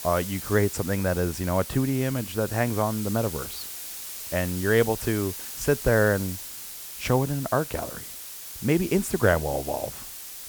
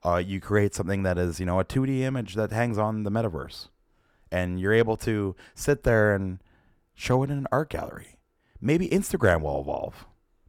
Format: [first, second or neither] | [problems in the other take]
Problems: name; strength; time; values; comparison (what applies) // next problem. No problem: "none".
second | hiss; loud; throughout; 9 dB below the speech